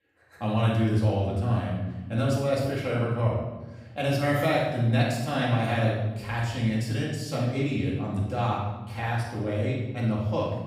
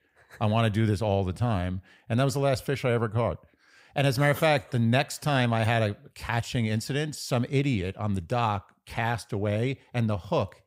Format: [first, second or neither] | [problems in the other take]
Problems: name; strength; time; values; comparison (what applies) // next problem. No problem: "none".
second | off-mic speech; far // room echo; noticeable; dies away in 1.1 s